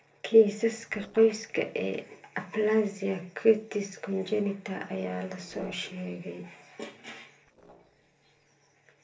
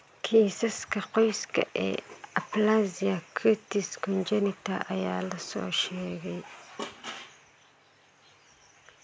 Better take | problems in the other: second | noise reduction (neural separator model SepFormer DNS4)

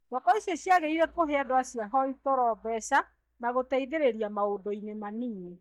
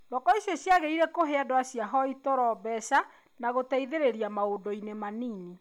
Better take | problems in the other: second | noise reduction (neural mask model DeepFilterNet 3)

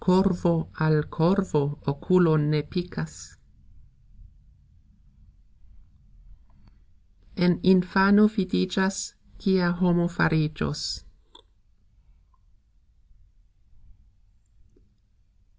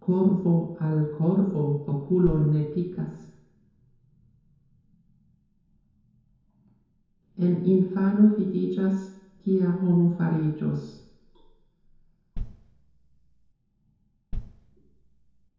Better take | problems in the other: first | background sound (Bass drum); 11 dB below the speech // room echo; dies away in 1 s

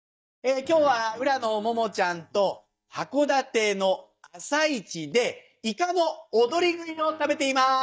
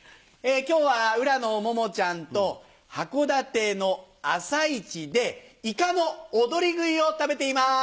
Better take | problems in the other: second | noise reduction (neural mask model DeepFilterNet 3)

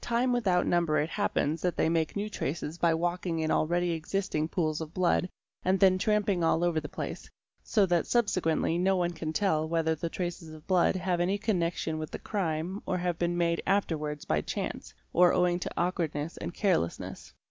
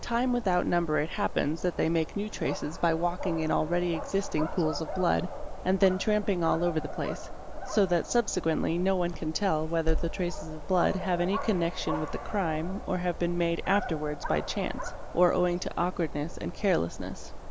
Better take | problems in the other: first | background sound (Dog); 6 dB below the speech

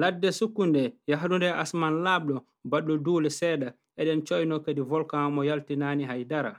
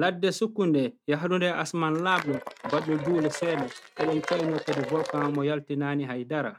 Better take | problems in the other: first | noise reduction (neural mask model RNNoise)

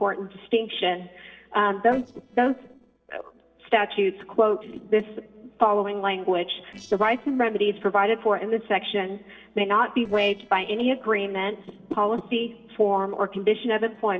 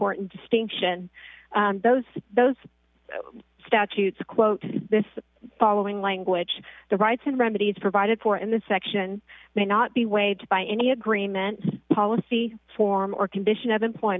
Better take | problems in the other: second | noise reduction (neural separator model SepFormer DNS4)

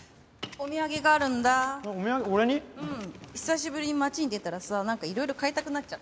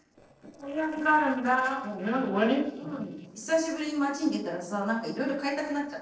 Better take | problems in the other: first | noise reduction (neural separator model SepFormer DNS4)

